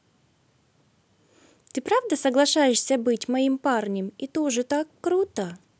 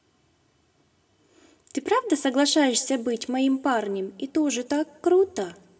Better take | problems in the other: first | room echo; dies away in 0.9 s

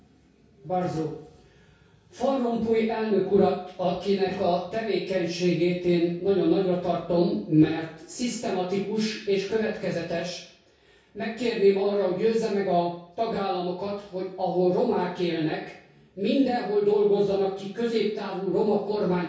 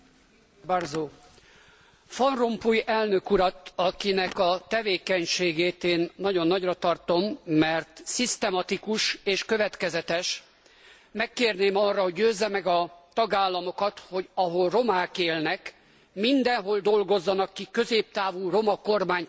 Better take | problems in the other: second | room echo; dies away in 0.6 s

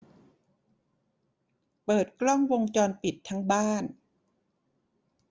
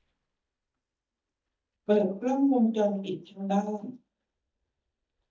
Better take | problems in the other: first | noise reduction (neural mask model DeepFilterNet 3)

